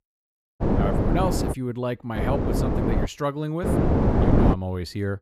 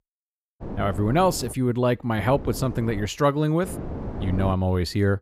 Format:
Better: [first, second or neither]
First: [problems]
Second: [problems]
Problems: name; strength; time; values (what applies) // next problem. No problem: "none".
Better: second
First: wind noise on the microphone; heavy; at 0.5 s, at 2 s and at 3.5 s; 2 dB above the speech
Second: wind noise on the microphone; occasional gusts; at 0.5 s, at 2 s and at 3.5 s; 15 dB below the speech